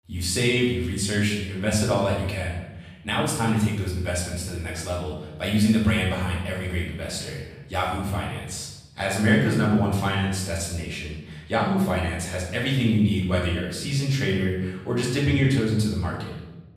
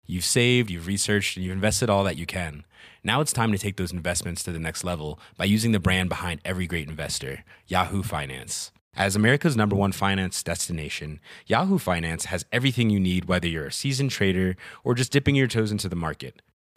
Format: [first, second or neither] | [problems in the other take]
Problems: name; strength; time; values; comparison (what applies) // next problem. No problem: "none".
second | off-mic speech; far // room echo; noticeable; dies away in 0.9 s